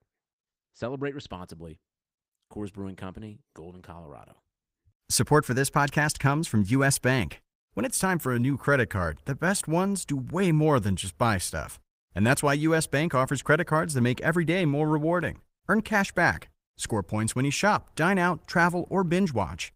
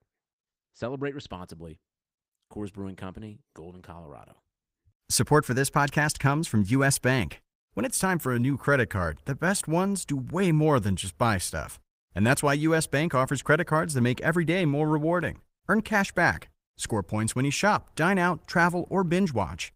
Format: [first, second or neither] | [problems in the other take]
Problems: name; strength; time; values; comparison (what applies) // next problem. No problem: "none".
neither | garbled, watery; slightly; nothing above 15.5 kHz; the same in both